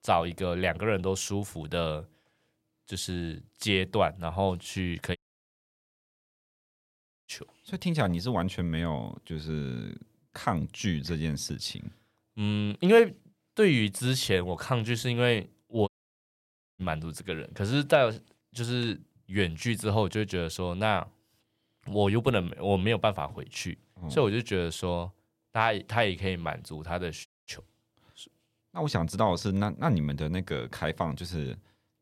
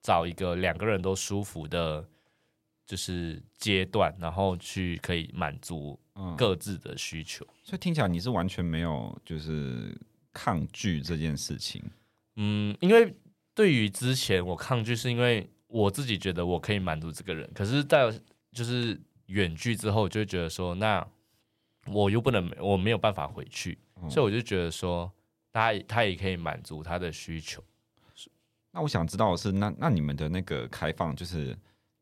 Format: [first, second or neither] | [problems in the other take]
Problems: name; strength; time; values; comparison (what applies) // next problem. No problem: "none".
second | audio cutting out; at 5 s for 2 s, at 16 s for 1 s and at 27 s